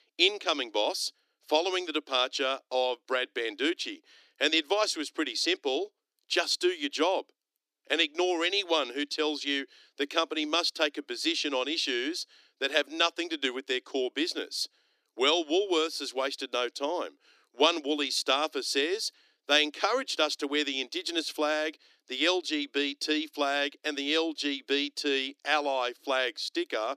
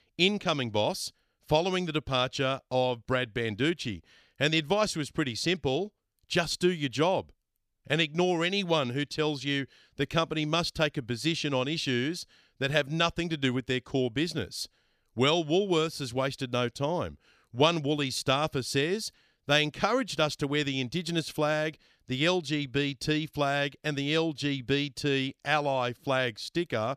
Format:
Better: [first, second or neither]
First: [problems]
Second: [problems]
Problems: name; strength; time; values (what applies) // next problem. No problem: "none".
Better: second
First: thin; very slightly; fading below 300 Hz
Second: none